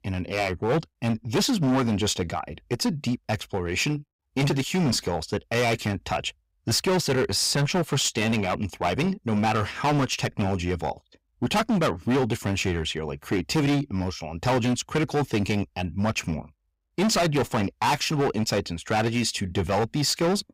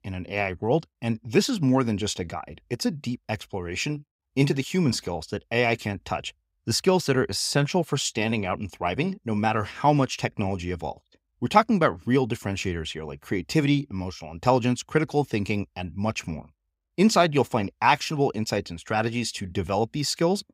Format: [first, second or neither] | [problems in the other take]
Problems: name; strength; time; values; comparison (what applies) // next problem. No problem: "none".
second | distortion; heavy; 14% of the sound clipped